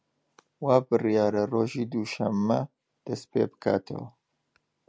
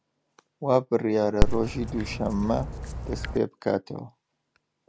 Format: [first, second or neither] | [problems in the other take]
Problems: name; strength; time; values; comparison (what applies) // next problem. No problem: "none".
first | background sound (Dog); 2 dB above the speech